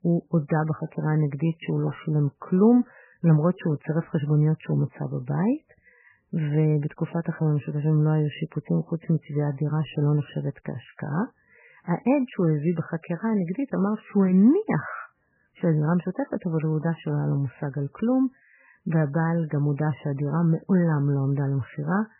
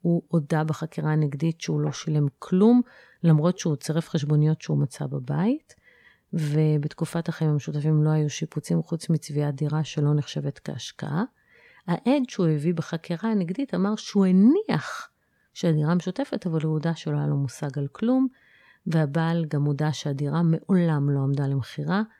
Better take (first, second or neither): second